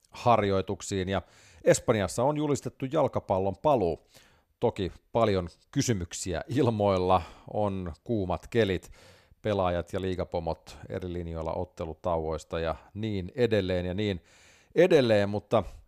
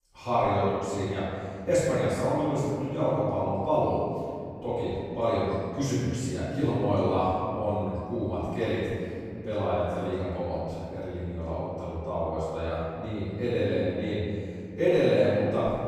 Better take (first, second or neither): first